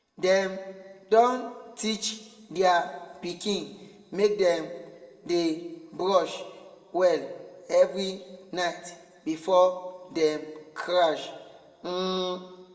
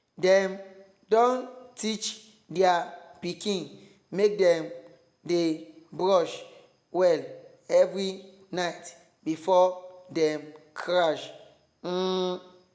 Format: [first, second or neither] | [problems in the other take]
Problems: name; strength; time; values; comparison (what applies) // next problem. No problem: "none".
second | room echo; dies away in 1.1 s